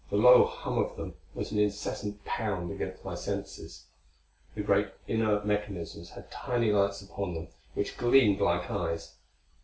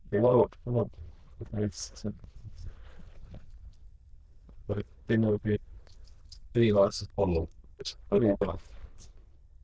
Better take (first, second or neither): first